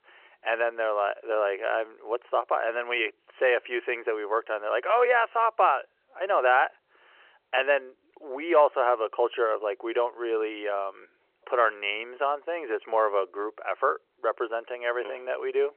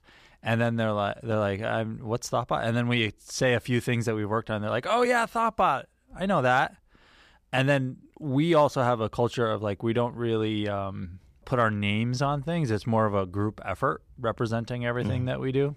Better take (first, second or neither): second